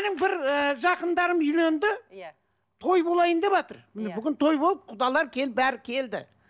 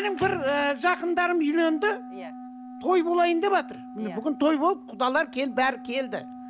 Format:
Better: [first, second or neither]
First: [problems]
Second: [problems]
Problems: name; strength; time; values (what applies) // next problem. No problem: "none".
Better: first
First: none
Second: background sound (Thump, thud + Wind instrument, woodwind instrument); 15 dB below the speech